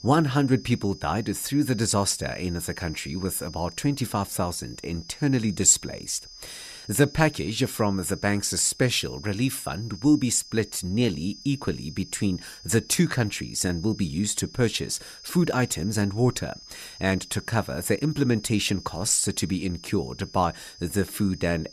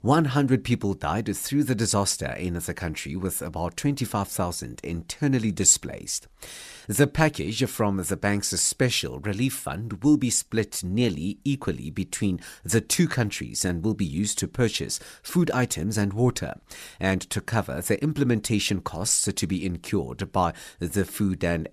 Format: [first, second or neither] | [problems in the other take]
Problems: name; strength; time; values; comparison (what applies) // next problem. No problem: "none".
second | high-pitched whine; noticeable; throughout; 5 kHz, 20 dB below the speech